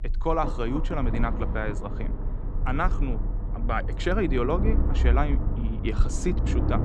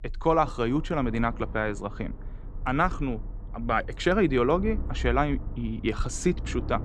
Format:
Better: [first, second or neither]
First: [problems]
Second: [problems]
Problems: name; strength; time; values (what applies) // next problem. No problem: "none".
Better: second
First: low rumble; loud; throughout; 9 dB below the speech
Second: low rumble; faint; throughout; 20 dB below the speech